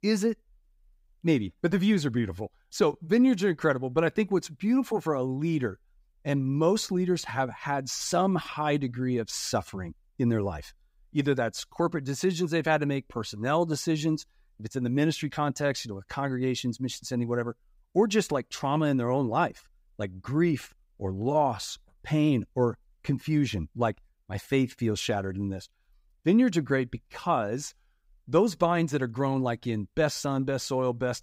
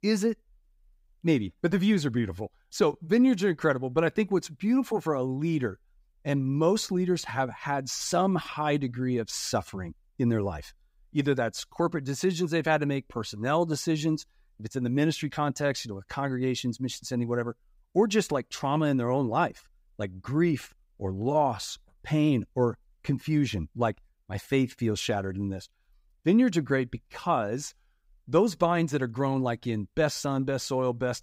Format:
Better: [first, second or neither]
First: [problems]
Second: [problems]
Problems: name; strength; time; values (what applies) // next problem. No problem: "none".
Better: neither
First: none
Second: none